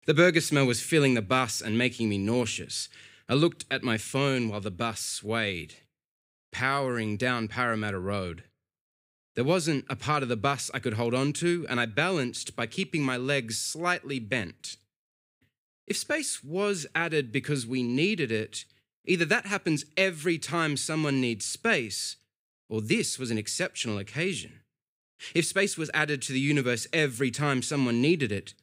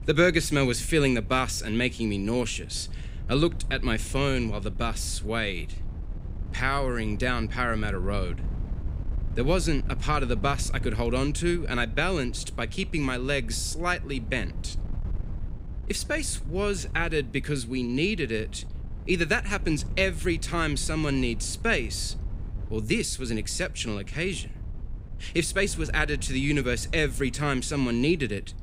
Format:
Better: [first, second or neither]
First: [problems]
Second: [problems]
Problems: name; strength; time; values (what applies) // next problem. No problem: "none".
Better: first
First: none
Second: wind noise on the microphone; occasional gusts; 20 dB below the speech